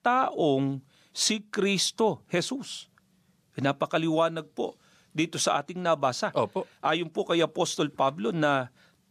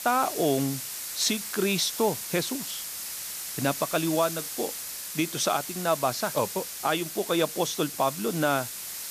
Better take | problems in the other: first | hiss; loud; throughout; 6 dB below the speech

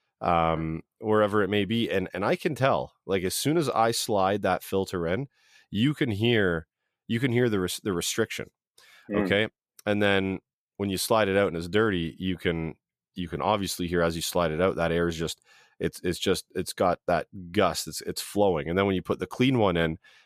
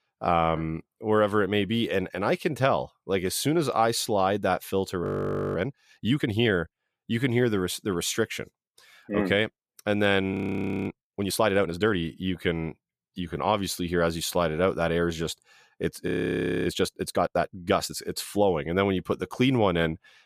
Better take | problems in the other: first | audio freezing; at 5 s for 0.5 s, at 10 s for 0.5 s and at 16 s for 0.5 s

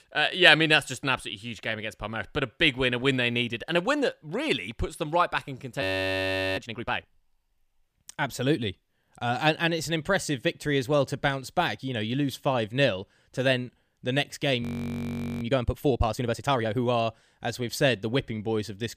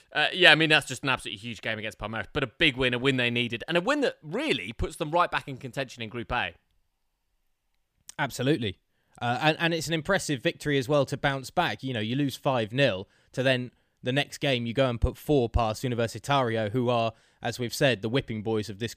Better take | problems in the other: second | audio freezing; at 6 s for 1 s and at 15 s for 1 s

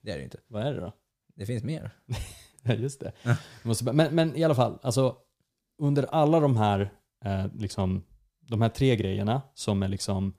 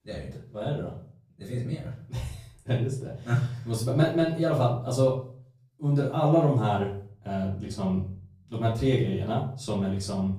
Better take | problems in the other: first | off-mic speech; far // room echo; slight; dies away in 0.4 s

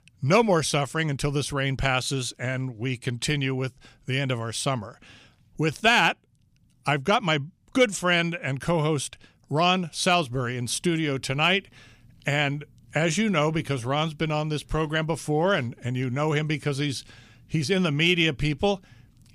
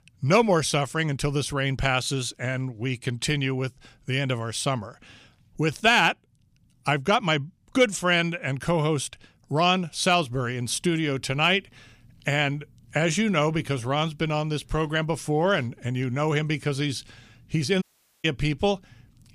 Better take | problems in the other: first | audio cutting out; at 18 s

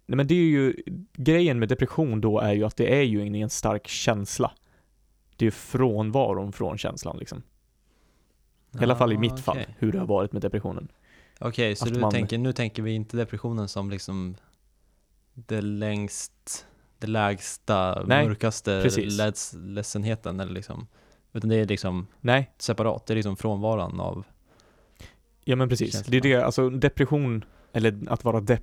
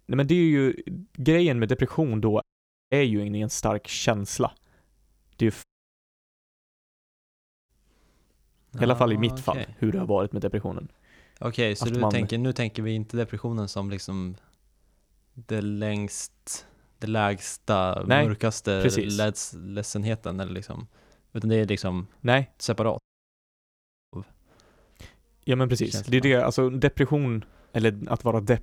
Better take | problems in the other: first | audio cutting out; at 2.5 s, at 5.5 s for 2 s and at 23 s for 1 s

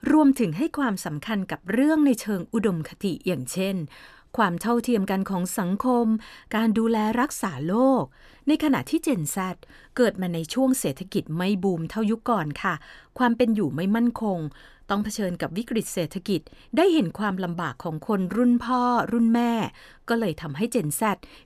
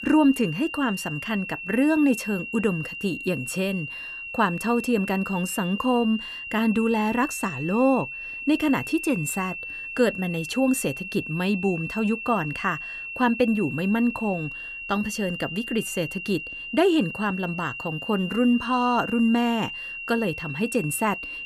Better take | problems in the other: first | high-pitched whine; loud; throughout; 2.5 kHz, 8 dB below the speech

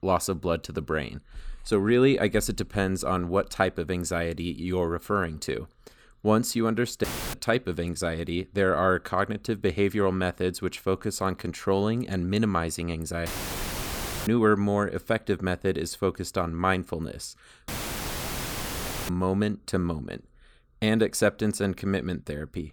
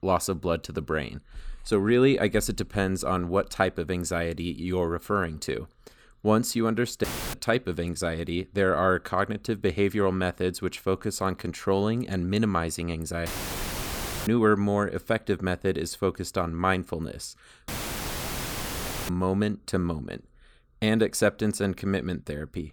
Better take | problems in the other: neither | audio cutting out; filled with static; at 7 s, at 13 s for 1 s and at 18 s for 1.5 s; the same in both

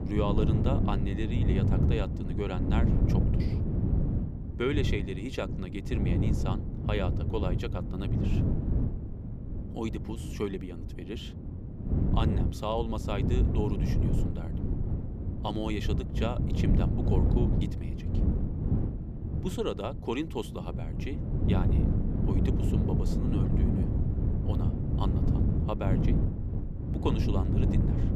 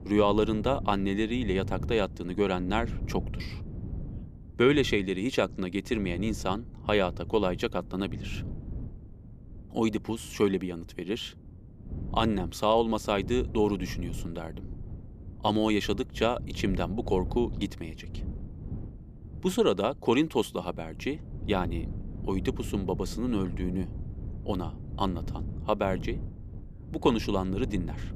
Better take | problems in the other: second | wind noise on the microphone; heavy; 2 dB below the speech; occasional gusts in the second

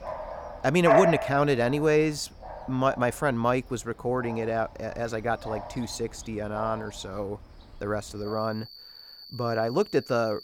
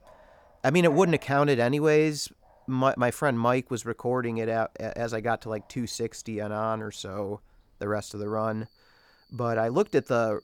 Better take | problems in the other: second | animal sounds; loud; throughout; 5 dB below the speech; faint in the second

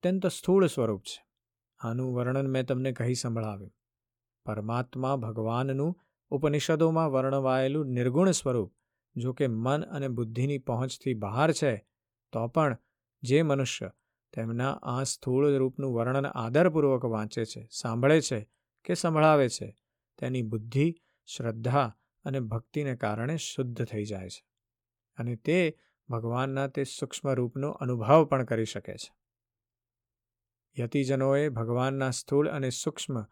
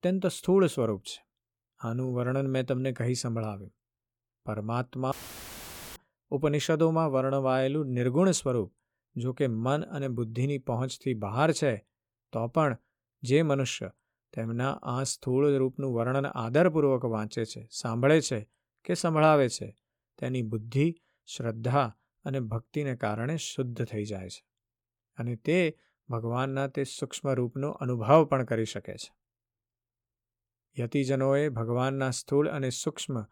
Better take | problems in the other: first | audio cutting out; filled with static; at 5 s for 1 s

